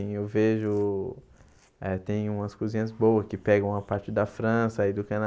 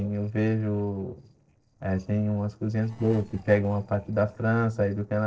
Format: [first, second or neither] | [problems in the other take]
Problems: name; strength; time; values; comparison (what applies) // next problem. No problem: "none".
first | noise reduction (neural separator model SepFormer DNS4)